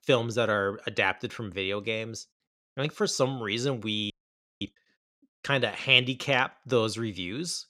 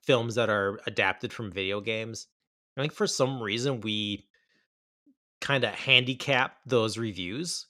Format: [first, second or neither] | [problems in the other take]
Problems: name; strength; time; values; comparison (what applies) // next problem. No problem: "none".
second | audio freezing; at 4 s for 0.5 s